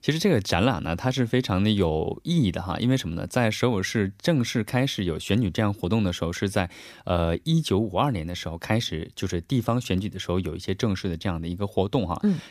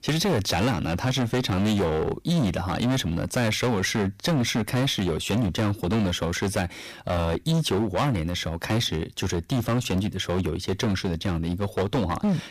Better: first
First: none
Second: distortion; heavy; 18% of the sound clipped

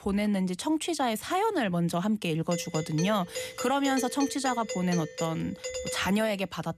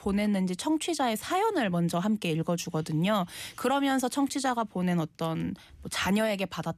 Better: second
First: doorbell; noticeable; from 2.5 to 6 s; peak 6 dB below the speech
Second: none

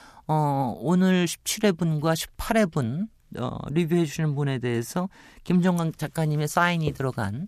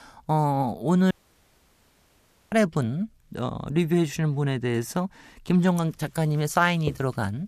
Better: first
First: none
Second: audio cutting out; at 1 s for 1.5 s

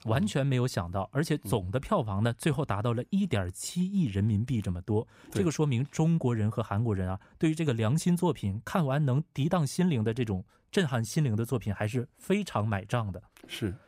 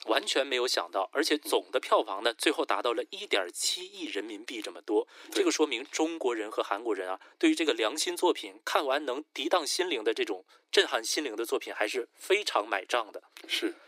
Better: first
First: none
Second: thin; very; fading below 300 Hz

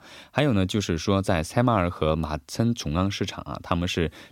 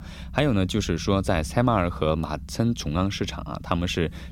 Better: first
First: none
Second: low rumble; faint; throughout; 25 dB below the speech

